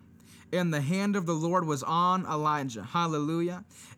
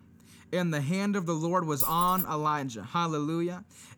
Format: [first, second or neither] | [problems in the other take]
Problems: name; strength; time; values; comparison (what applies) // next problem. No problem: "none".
first | jangling keys; loud; at 2 s; peak 1 dB above the speech